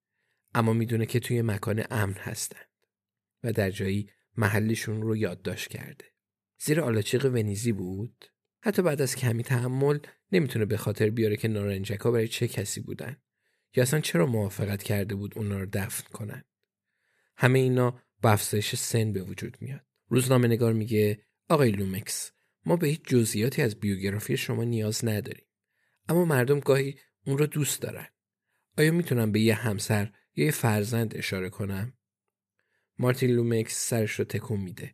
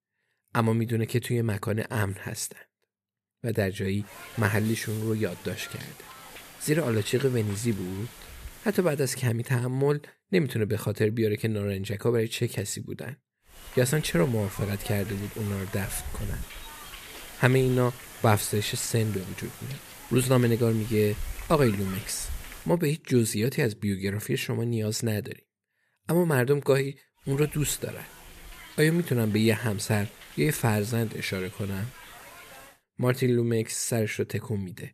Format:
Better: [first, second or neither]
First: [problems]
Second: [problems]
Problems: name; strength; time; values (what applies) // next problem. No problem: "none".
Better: first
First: none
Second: hiss; noticeable; from 4 to 9 s, from 14 to 23 s and from 27 to 33 s; 15 dB below the speech